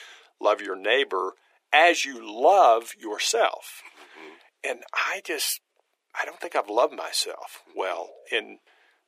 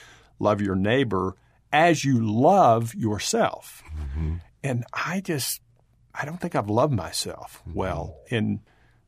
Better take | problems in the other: second | thin; very; fading below 350 Hz

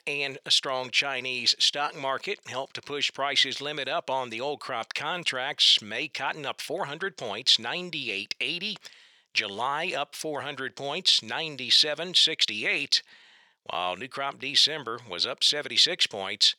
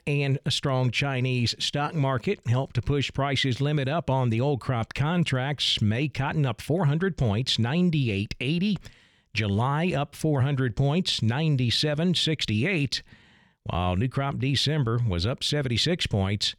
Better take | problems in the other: second | thin; very; fading below 550 Hz

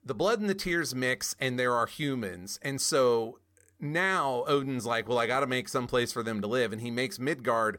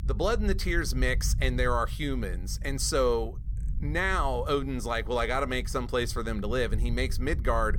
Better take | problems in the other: first | low rumble; faint; throughout; 25 dB below the speech

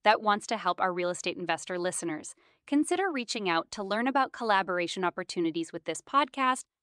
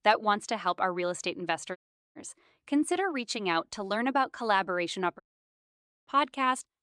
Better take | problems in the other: first | audio cutting out; at 2 s and at 5 s for 1 s

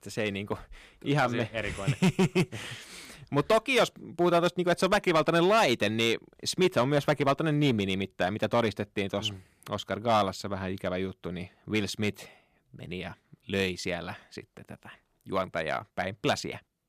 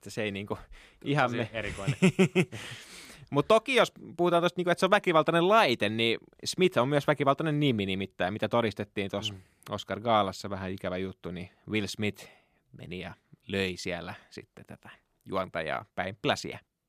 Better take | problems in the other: second | distortion; slight; 3% of the sound clipped

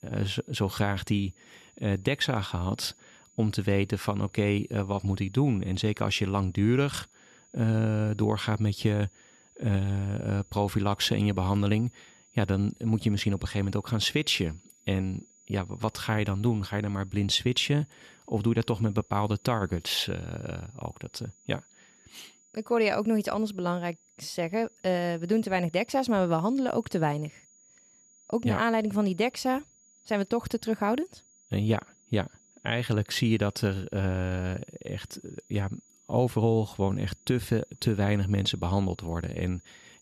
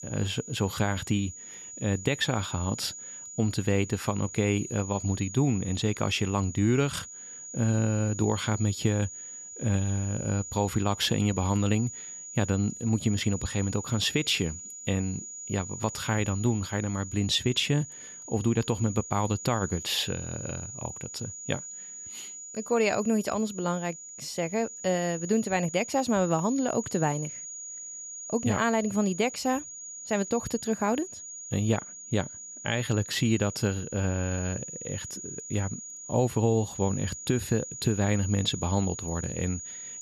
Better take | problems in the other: first | high-pitched whine; loud; throughout; 7 kHz, 10 dB below the speech; faint in the first

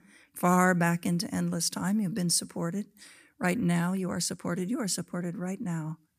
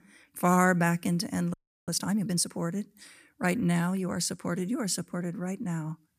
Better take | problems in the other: first | audio freezing; at 1.5 s

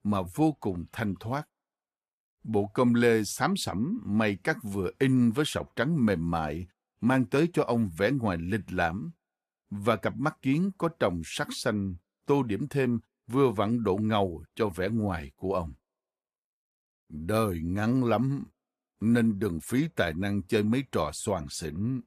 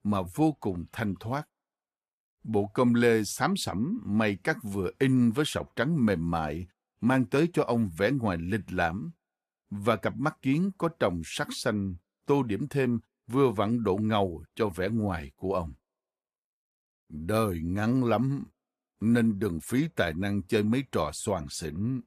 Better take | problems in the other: neither | none

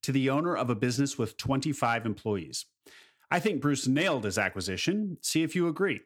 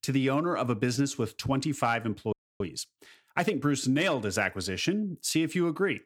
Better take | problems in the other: first | audio freezing; at 2.5 s

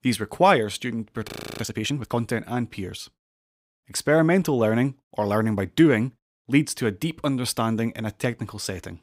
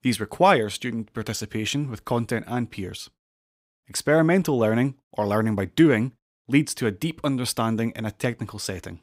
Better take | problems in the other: second | audio freezing; at 1.5 s

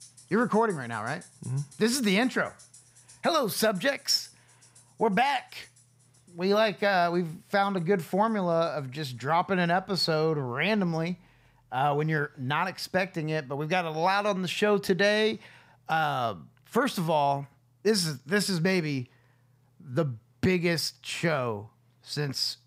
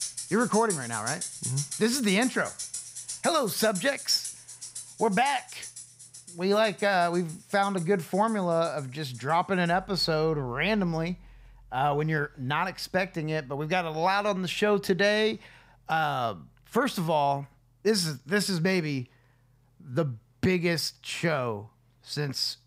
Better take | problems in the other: first | background music; loud; throughout; 10 dB below the speech; faint in the first

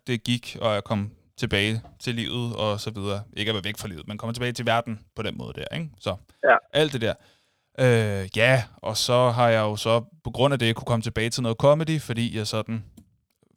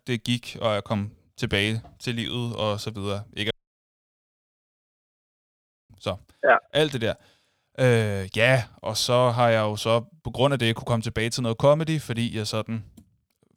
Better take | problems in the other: first | audio cutting out; at 3.5 s for 2.5 s

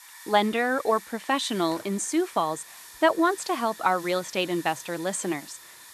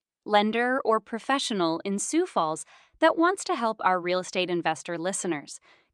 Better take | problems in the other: second | hiss; noticeable; throughout; 15 dB below the speech

